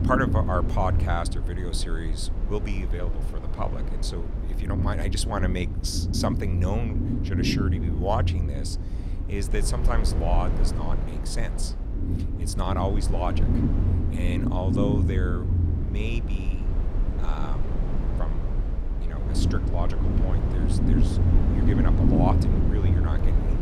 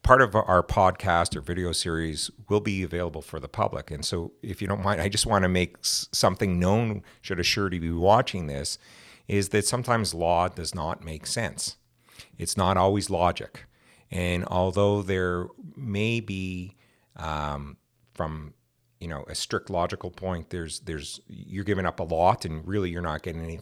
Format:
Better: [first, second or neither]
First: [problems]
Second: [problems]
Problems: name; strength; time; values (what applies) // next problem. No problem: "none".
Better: second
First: low rumble; loud; throughout; 4 dB below the speech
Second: none